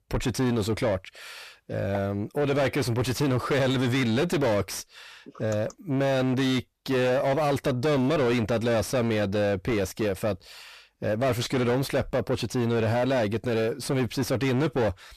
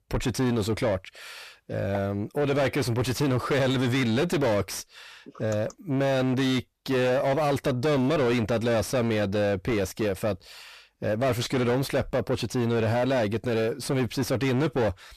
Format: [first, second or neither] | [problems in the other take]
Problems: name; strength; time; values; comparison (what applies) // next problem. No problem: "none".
neither | distortion; heavy; 5 dB below the speech; the same in both